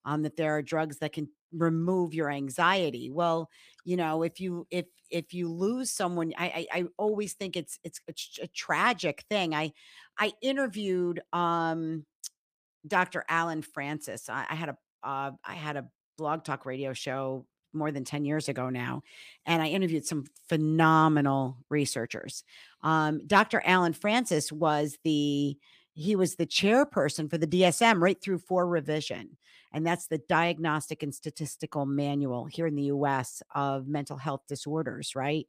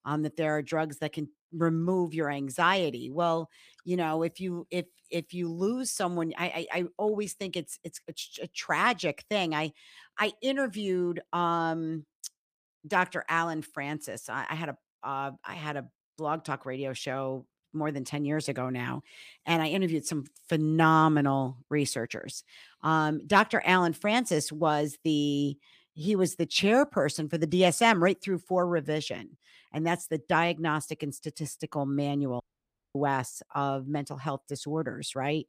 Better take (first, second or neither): first